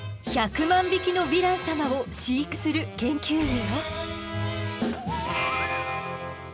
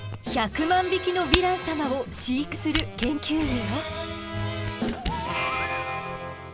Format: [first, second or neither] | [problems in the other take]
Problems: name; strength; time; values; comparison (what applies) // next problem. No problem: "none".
first | background sound (Camera); 9 dB below the speech